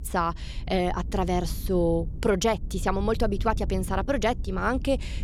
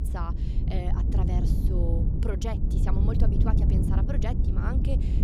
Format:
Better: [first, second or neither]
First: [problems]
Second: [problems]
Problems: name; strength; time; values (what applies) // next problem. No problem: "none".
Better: first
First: low rumble; faint; throughout; 20 dB below the speech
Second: low rumble; loud; throughout; 1 dB below the speech